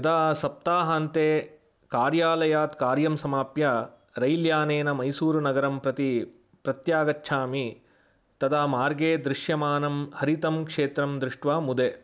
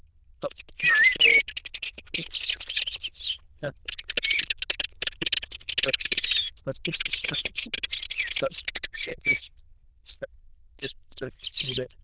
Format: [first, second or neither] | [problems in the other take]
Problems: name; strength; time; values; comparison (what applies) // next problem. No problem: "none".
first | noise reduction (neural diffusion model UNIVERSE++)